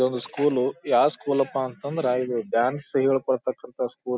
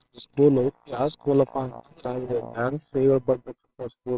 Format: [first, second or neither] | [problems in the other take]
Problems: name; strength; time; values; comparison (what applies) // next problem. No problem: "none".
first | noise reduction (neural separator model SepFormer WHAMR!)